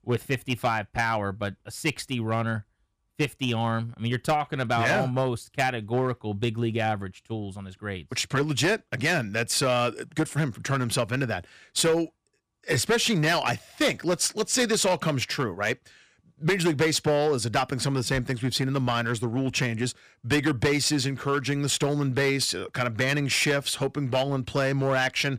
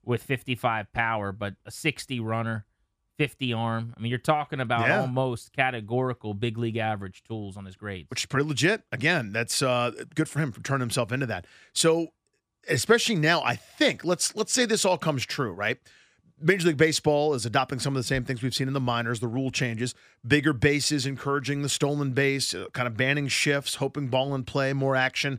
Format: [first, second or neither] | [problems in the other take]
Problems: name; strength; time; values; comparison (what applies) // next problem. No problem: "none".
second | distortion; slight; 6% of the sound clipped